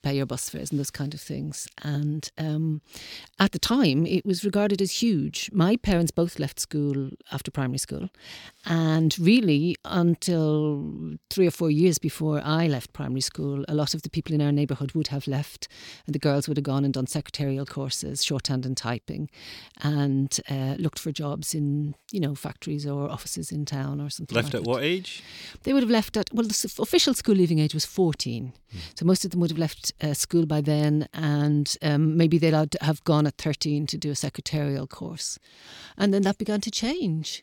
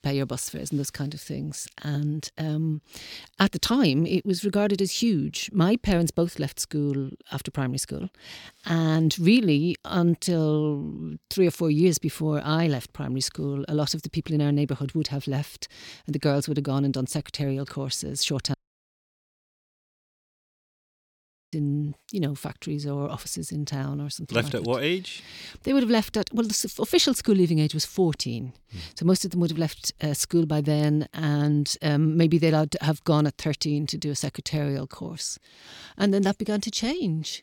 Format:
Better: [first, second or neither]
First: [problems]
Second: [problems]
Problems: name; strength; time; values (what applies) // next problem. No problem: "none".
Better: first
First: none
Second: audio cutting out; at 19 s for 3 s